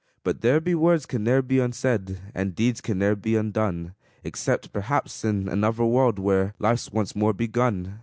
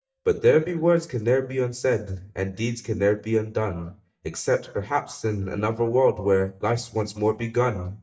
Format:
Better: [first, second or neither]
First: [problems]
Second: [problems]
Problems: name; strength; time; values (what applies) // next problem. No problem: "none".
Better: first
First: none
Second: noise reduction (neural mask model DeepFilterNet 3)